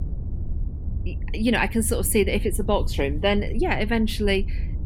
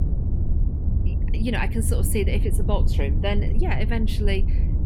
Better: first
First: low rumble; faint; throughout; 20 dB below the speech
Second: low rumble; loud; throughout; 9 dB below the speech

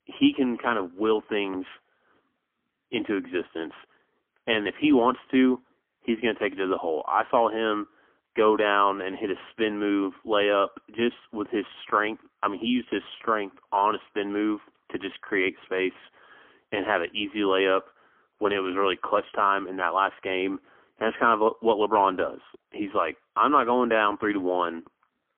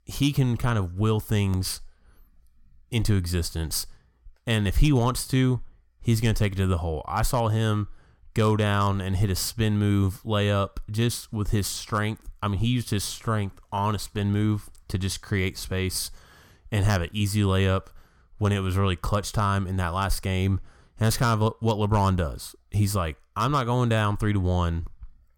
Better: second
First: phone-call audio; poor line; nothing above 3.5 kHz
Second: none

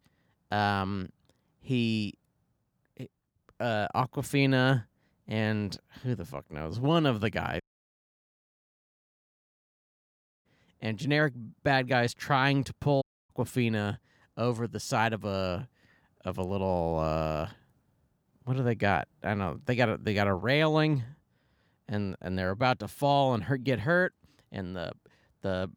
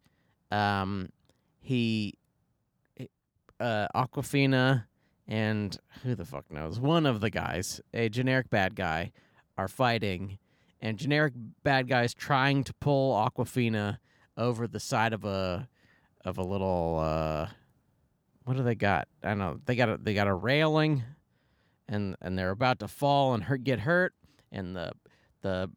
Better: second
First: audio cutting out; at 7.5 s for 3 s and at 13 s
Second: none

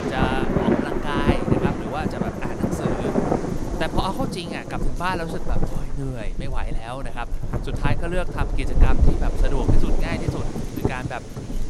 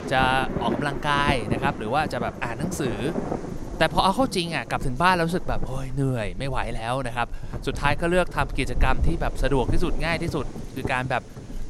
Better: second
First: wind noise on the microphone; heavy; 1 dB above the speech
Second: wind noise on the microphone; occasional gusts; 10 dB below the speech

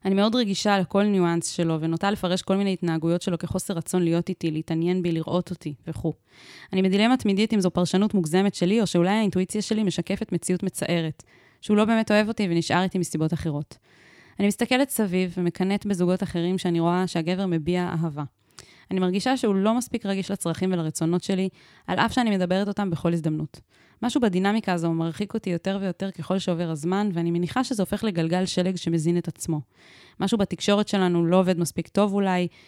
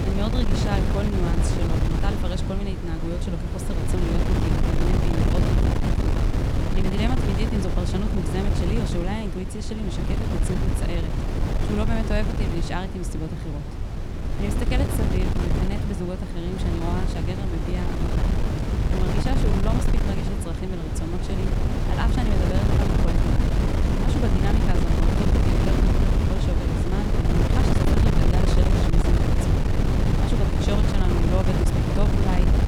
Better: first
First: none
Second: wind noise on the microphone; heavy; 3 dB above the speech

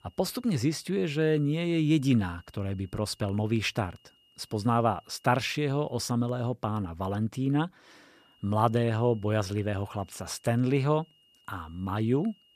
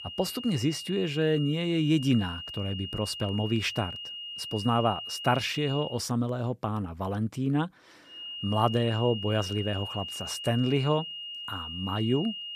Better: first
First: high-pitched whine; faint; until 6 s and from 8 s on; 3 kHz, 35 dB below the speech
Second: high-pitched whine; loud; until 6 s and from 8 s on; 3 kHz, 8 dB below the speech

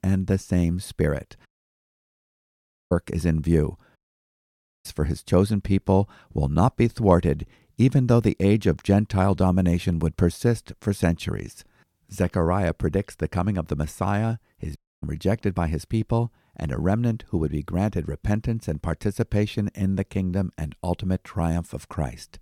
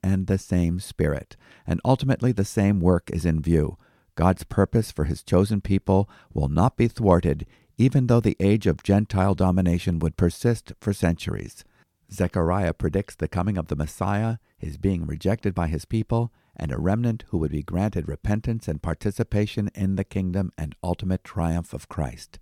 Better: second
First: audio cutting out; at 1.5 s for 1.5 s, at 4 s for 1 s and at 15 s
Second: none

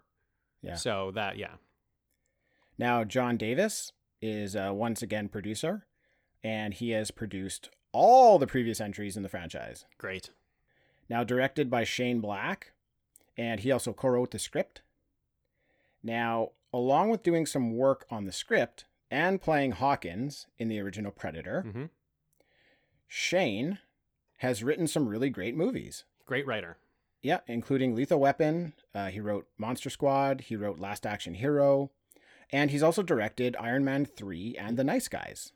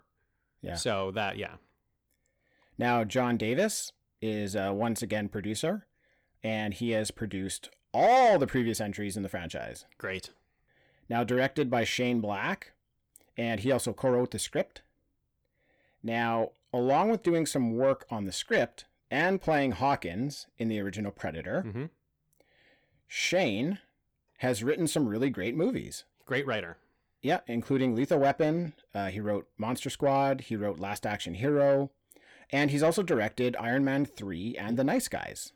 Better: first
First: none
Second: distortion; slight; 10 dB below the speech

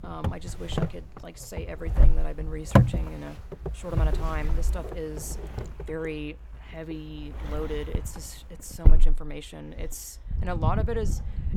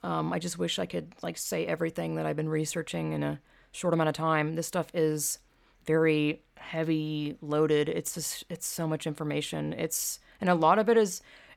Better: second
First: wind noise on the microphone; heavy; 1 dB above the speech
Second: none

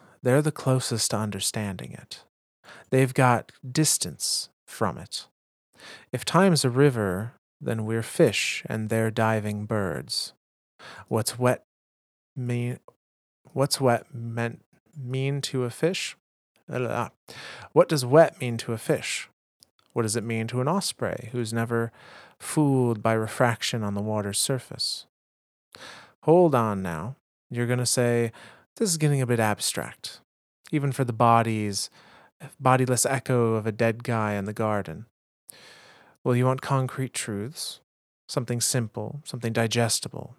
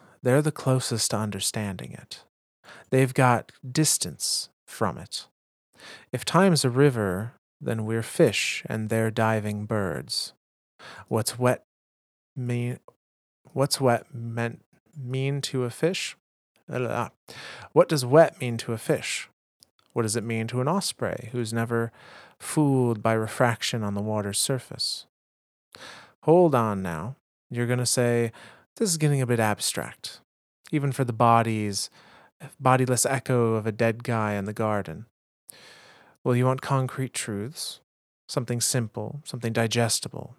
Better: neither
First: none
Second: none

